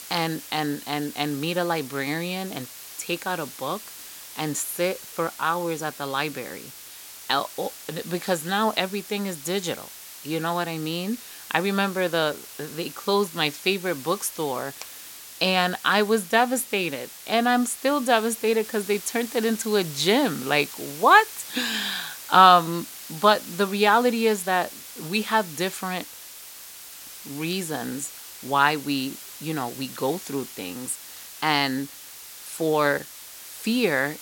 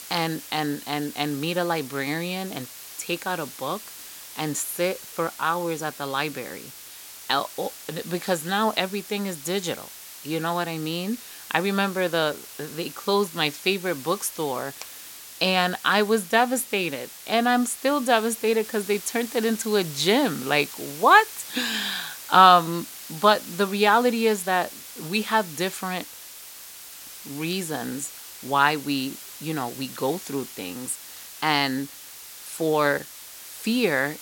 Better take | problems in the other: neither | hiss; noticeable; throughout; 15 dB below the speech; the same in both

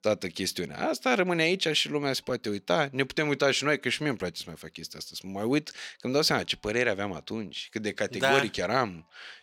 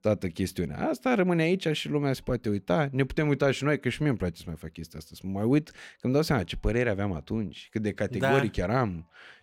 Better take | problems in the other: second | thin; very slightly; fading below 900 Hz

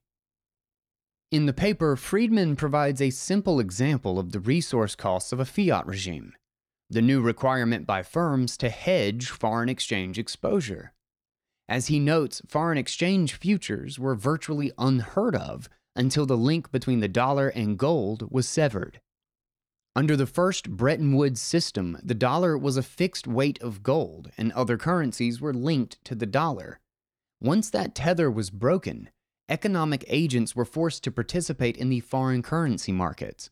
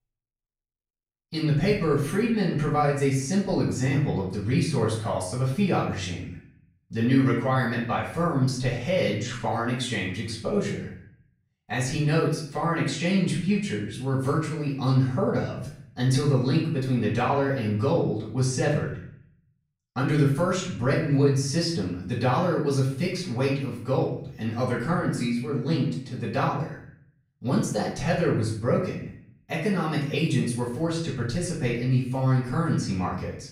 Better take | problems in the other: first | room echo; noticeable; dies away in 0.6 s // off-mic speech; far

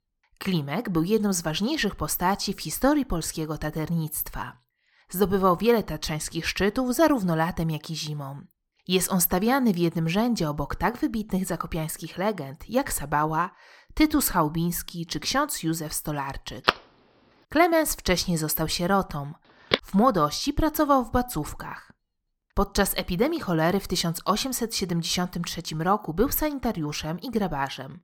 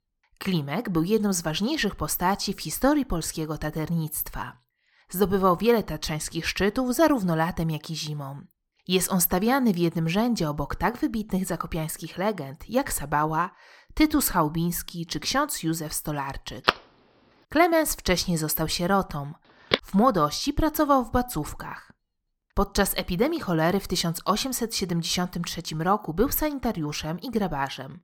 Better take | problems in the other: neither | phone ringing; noticeable; from 17 to 20 s; peak level with the speech; the same in both

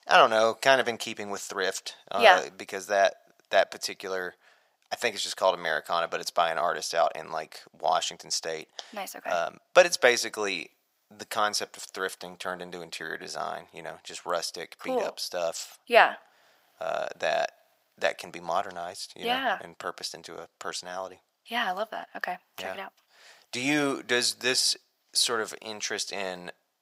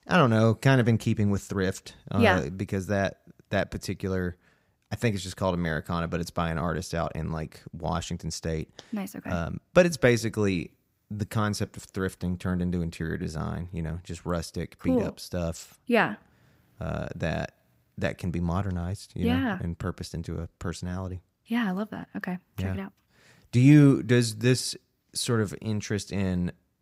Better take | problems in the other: second | thin; very; fading below 700 Hz

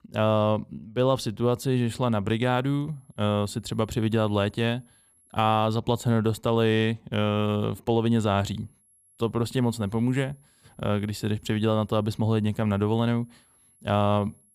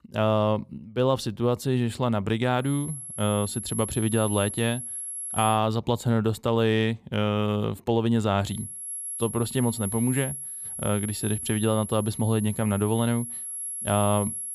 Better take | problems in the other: first | high-pitched whine; loud; from 2.5 to 5.5 s and from 8.5 s on; 11 kHz, 7 dB below the speech; faint in the first

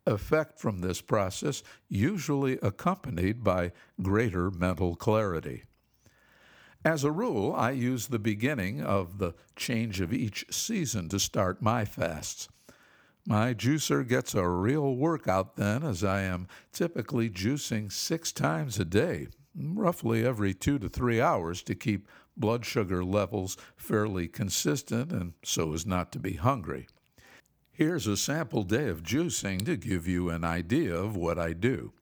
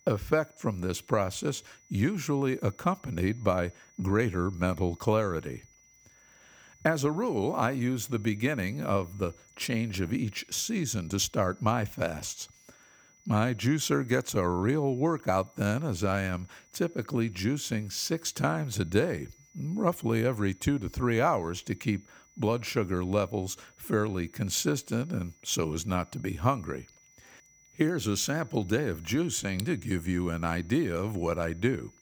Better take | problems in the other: first | high-pitched whine; faint; throughout; 6 kHz, 30 dB below the speech

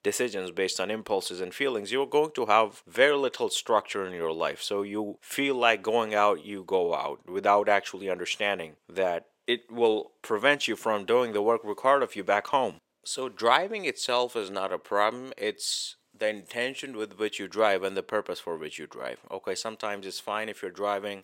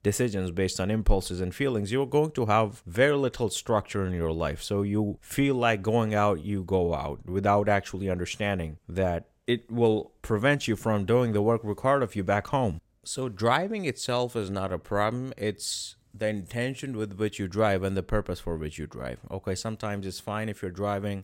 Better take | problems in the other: second | thin; somewhat; fading below 400 Hz

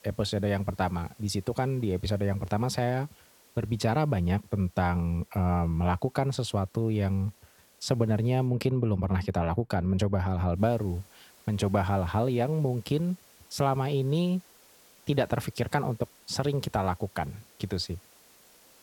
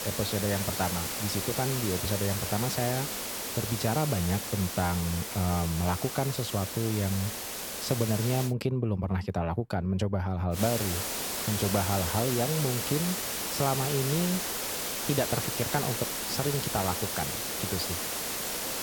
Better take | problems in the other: first | hiss; loud; until 8.5 s and from 11 s on; 1 dB below the speech; faint in the first

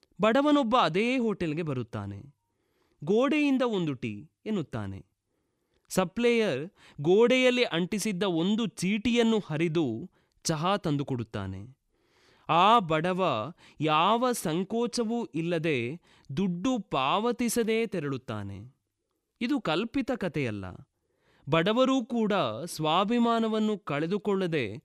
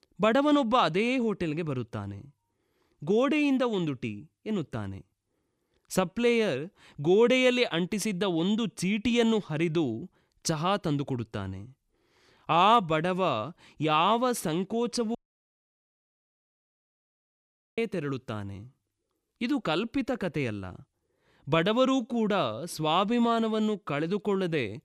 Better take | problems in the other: first | audio cutting out; at 15 s for 2.5 s

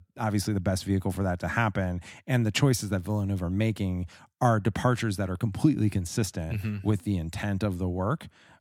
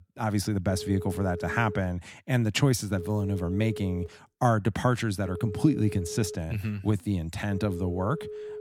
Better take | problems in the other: first | phone ringing; faint; from 0.5 s on; peak 10 dB below the speech

